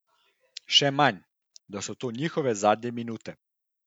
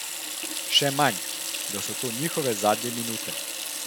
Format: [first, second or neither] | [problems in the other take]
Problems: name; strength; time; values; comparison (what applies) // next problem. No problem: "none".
first | background sound (Sink (filling or washing) / Water tap, faucet); 3 dB below the speech